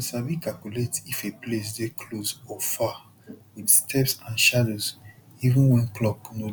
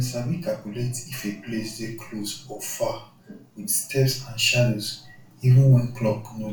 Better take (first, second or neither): first